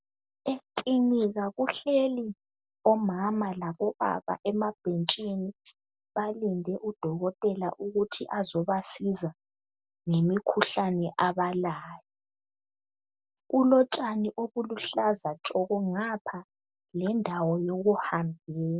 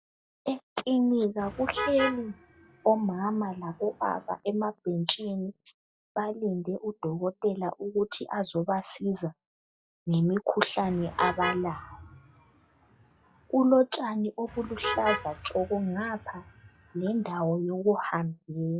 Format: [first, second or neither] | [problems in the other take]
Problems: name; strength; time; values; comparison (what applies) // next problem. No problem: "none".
first | noise reduction (classical method log-MMSE)